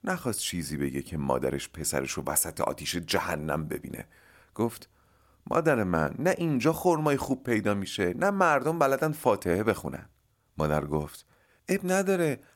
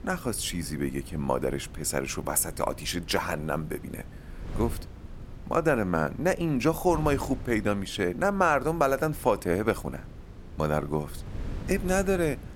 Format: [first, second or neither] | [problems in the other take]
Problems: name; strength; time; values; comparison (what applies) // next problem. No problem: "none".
first | wind noise on the microphone; occasional gusts; 20 dB below the speech